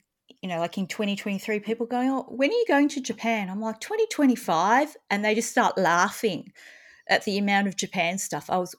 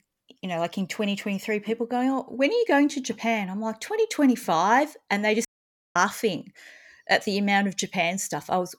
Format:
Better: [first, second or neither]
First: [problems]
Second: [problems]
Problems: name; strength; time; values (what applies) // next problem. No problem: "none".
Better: first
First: none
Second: audio cutting out; at 5.5 s for 0.5 s